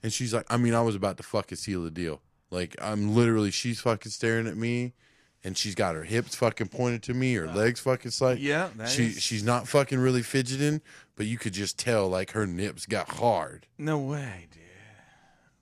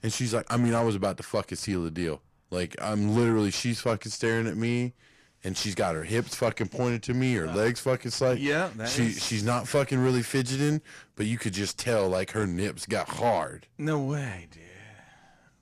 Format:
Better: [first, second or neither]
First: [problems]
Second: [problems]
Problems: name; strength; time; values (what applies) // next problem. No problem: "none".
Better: first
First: none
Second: distortion; slight; 10 dB below the speech